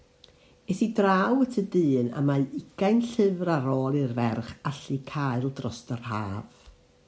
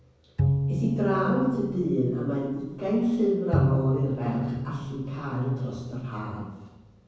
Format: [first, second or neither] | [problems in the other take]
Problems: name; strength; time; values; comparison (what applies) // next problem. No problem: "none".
first | background sound (Bowed string instrument); 2 dB below the speech // room echo; dies away in 1.1 s